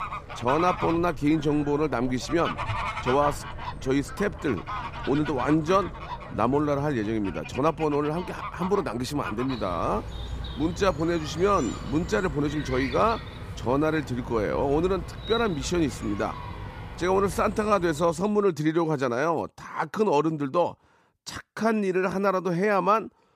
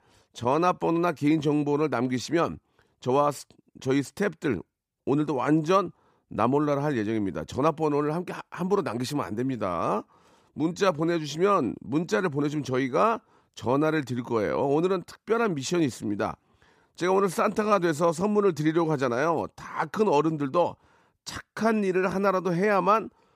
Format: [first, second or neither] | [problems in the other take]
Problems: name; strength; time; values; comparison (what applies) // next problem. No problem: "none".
second | animal sounds; noticeable; until 18 s; 10 dB below the speech